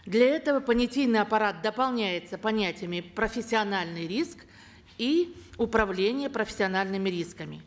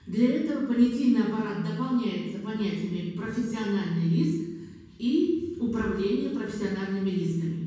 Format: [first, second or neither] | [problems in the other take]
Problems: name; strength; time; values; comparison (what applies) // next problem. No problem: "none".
first | room echo; dies away in 1.2 s